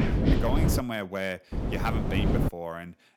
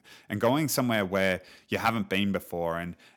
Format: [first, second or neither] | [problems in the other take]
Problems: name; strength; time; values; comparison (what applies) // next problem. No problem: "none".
second | wind noise on the microphone; heavy; at the start and at 1.5 s; 1 dB below the speech